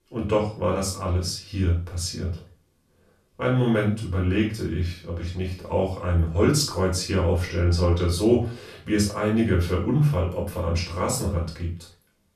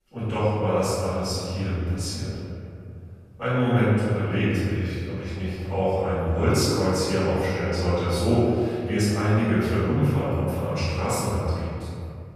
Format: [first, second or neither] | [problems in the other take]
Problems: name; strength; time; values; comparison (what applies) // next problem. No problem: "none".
first | room echo; strong; dies away in 2.5 s; slight in the first // off-mic speech; far; far in the first